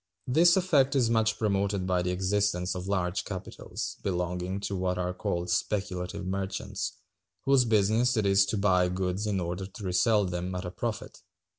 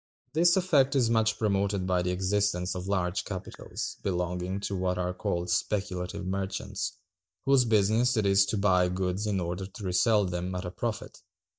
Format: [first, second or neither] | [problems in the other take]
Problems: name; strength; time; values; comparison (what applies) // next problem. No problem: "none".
first | noise reduction (neural mask model DeepFilterNet 3)